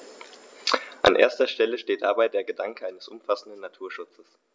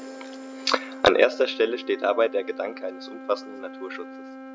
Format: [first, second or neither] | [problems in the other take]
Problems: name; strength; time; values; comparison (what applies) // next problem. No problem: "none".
first | background sound (Wind instrument, woodwind instrument); 14 dB below the speech